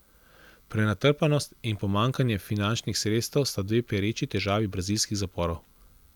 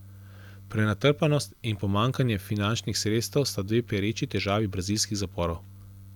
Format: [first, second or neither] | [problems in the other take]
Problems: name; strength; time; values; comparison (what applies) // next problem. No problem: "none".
first | background sound (Organ); 19 dB below the speech